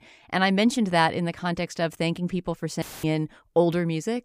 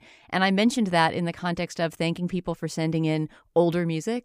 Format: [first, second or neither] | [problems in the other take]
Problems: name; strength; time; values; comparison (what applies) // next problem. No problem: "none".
second | audio cutting out; filled with static; at 3 s